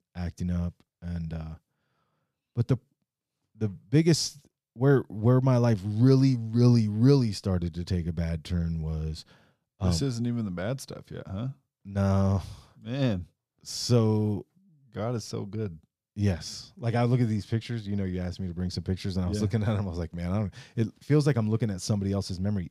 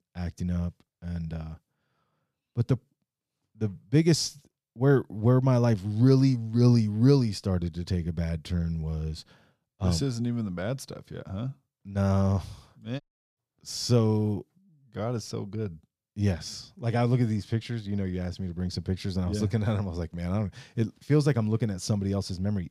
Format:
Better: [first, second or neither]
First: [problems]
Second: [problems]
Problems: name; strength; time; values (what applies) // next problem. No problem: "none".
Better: first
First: none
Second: audio cutting out; at 13 s